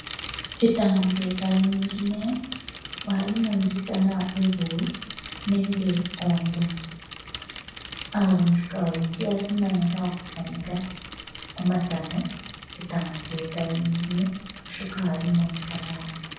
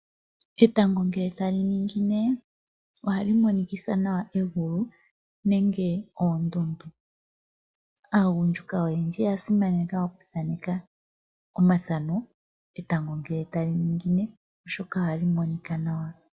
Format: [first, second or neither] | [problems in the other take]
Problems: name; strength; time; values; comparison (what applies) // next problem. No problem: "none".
second | background sound (Mechanisms / Bicycle); 13 dB below the speech // room echo; dies away in 0.7 s